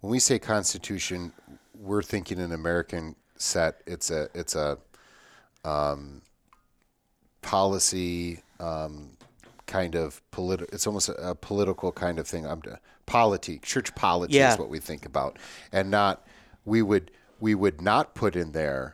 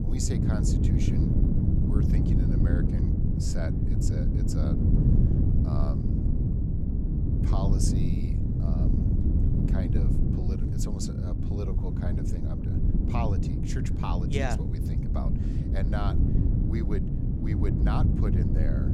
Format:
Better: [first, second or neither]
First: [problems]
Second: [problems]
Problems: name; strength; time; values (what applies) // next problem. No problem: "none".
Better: first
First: none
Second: wind noise on the microphone; heavy; 2 dB above the speech